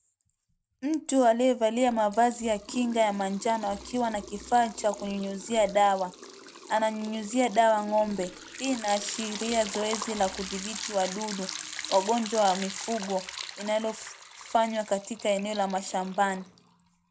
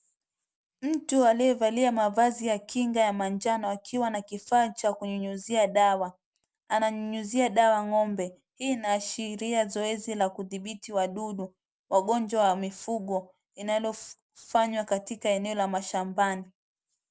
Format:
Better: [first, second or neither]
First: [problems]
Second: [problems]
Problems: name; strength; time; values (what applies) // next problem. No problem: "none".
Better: second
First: background sound (Liquid); 13 dB below the speech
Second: none